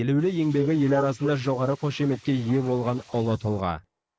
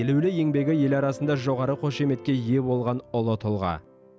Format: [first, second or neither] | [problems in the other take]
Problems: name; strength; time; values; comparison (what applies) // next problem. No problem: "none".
second | noise reduction (neural mask model Resemble Enhance denoiser)